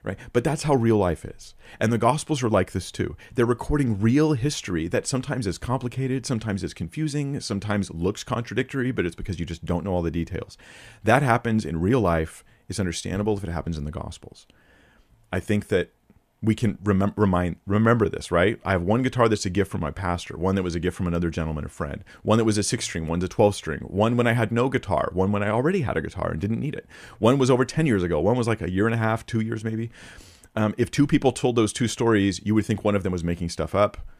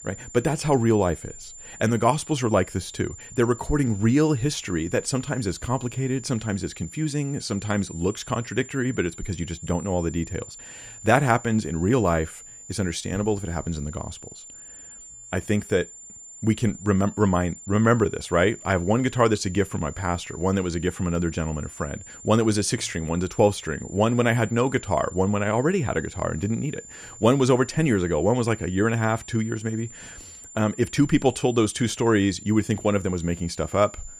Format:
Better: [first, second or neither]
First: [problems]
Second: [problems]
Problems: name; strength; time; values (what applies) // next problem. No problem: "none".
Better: first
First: none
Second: high-pitched whine; noticeable; throughout; 7 kHz, 15 dB below the speech